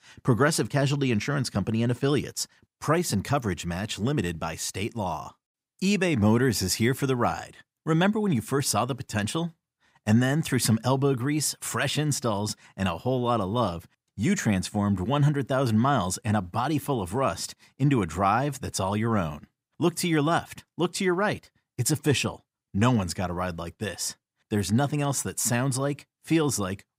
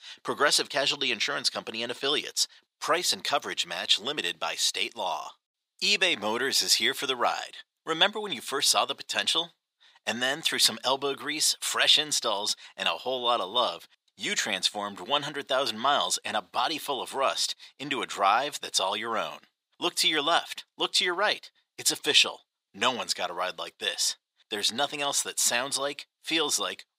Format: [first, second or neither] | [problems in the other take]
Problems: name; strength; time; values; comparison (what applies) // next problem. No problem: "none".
first | thin; very; fading below 600 Hz